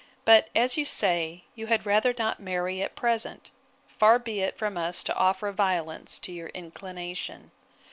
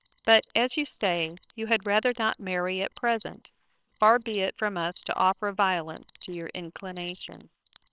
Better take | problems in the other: first | noise reduction (neural separator model SepFormer WHAMR!)

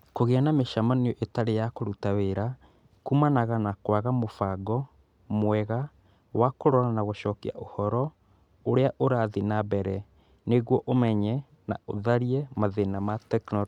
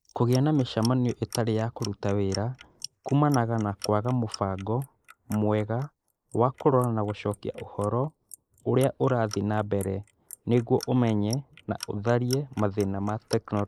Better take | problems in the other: first | noise reduction (neural mask model Resemble Enhance denoiser)

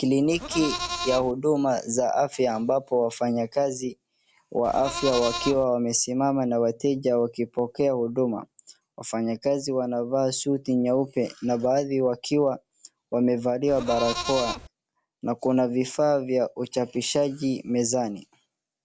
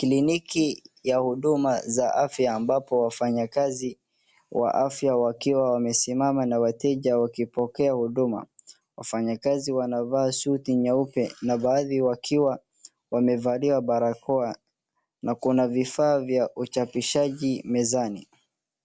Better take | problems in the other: second | background sound (Livestock, farm animals, working animals); 7 dB below the speech

